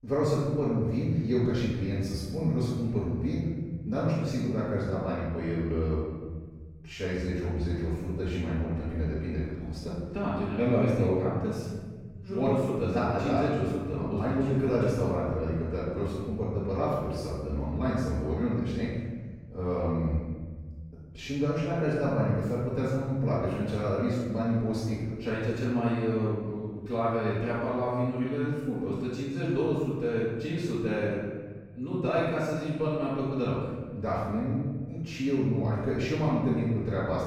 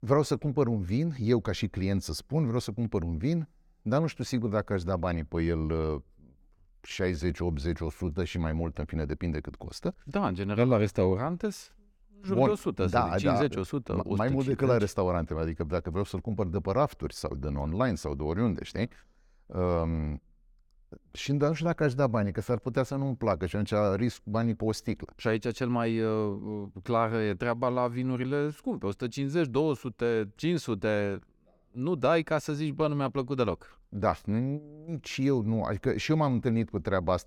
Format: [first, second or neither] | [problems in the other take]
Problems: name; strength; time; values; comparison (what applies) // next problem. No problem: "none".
second | room echo; strong; dies away in 1.6 s // off-mic speech; far